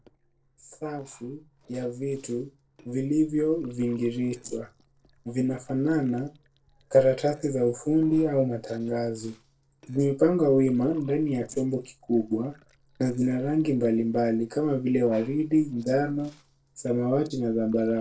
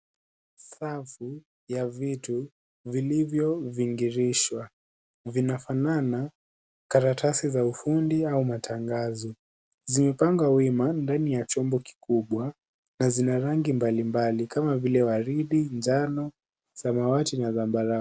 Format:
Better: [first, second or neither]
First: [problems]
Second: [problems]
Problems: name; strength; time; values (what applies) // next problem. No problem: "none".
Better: second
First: noise reduction (neural separator model SepFormer DNS4)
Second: none